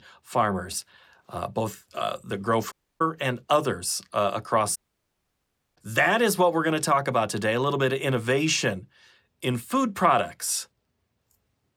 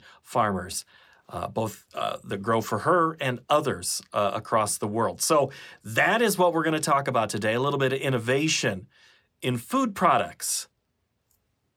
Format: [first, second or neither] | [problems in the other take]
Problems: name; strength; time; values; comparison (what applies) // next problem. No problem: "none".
second | audio cutting out; at 2.5 s and at 5 s for 1 s